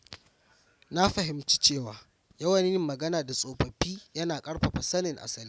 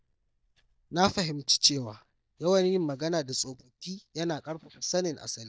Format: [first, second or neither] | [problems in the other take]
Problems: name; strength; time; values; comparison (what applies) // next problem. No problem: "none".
first | noise reduction (neural mask model DeepFilterNet 3)